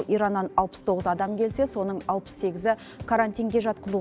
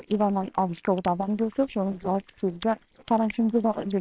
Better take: first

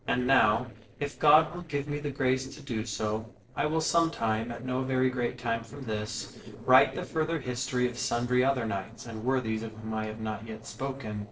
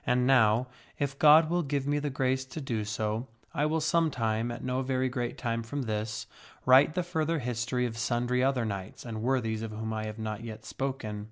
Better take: second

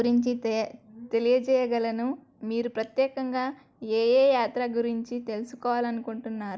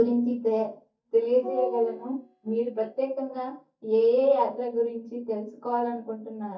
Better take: first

